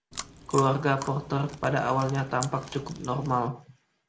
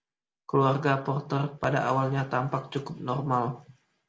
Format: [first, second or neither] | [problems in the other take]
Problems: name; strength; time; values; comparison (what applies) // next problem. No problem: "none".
second | background sound (Chewing, mastication); 13 dB below the speech